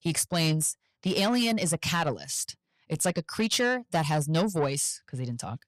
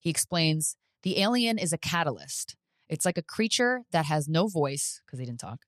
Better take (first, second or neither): second